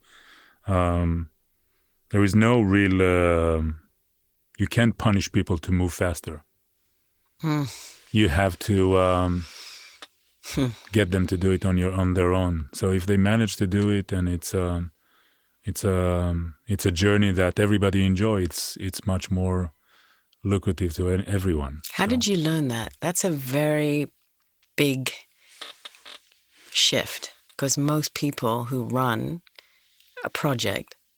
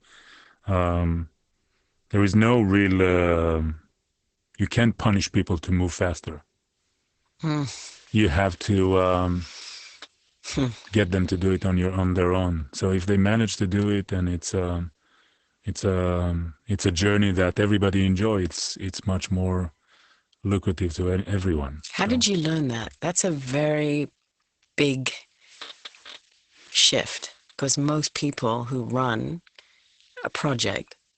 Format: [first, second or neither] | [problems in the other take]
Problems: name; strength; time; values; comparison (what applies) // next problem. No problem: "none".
first | garbled, watery; badly; nothing above 8 kHz; slightly in the first